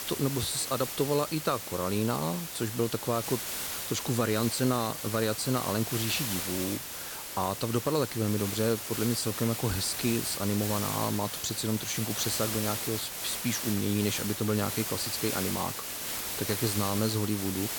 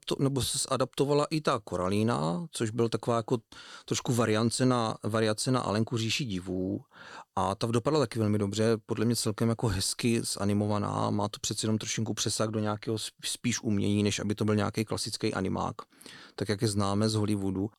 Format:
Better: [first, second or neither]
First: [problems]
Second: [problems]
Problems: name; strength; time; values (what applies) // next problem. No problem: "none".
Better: second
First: hiss; loud; throughout; 3 dB below the speech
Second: none